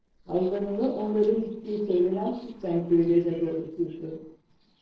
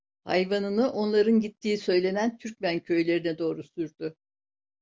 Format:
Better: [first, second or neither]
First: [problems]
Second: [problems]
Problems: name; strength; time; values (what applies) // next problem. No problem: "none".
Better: second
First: noise reduction (neural separator model SepFormer DNS4)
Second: none